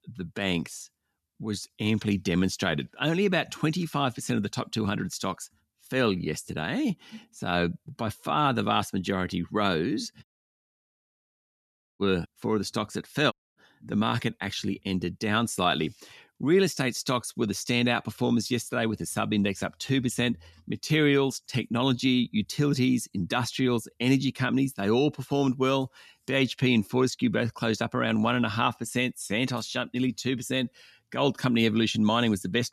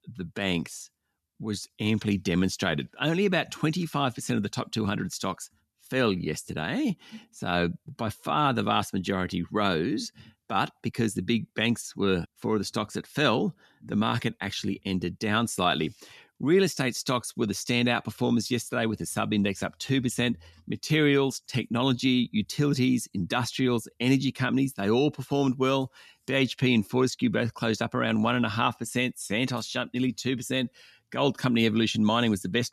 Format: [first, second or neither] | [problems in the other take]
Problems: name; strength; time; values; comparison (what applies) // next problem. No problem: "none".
second | audio cutting out; at 10 s for 2 s and at 13 s